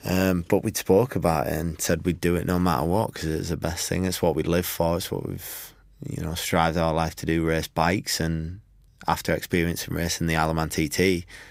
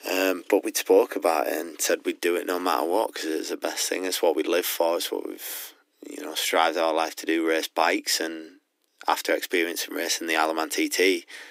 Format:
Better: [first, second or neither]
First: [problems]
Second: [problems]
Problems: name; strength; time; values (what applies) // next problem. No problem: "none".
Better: first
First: none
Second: thin; somewhat; fading below 300 Hz